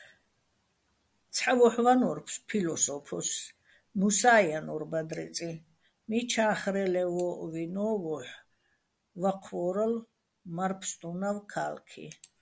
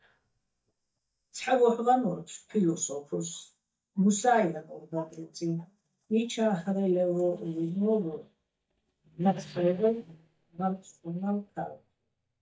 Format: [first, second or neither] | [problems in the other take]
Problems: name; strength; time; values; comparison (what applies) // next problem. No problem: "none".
first | noise reduction (neural mask model DeepFilterNet 3)